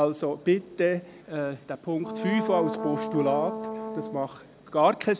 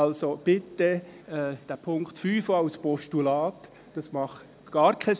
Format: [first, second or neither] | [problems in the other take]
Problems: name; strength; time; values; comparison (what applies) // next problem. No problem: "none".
second | background sound (Brass instrument); 5 dB below the speech